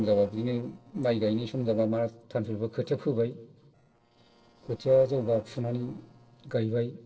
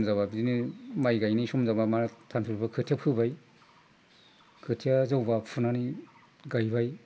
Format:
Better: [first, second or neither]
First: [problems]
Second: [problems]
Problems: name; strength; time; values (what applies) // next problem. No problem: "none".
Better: second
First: noise reduction (neural separator model SepFormer DNS4)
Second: none